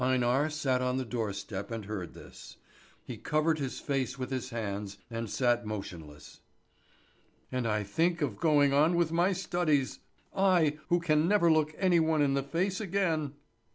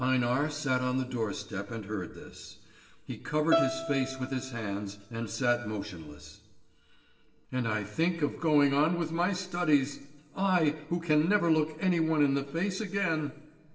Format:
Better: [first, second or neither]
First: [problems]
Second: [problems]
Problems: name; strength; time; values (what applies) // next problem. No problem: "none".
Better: first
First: none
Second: background sound (Bowed string instrument); 7 dB below the speech // room echo; dies away in 1.1 s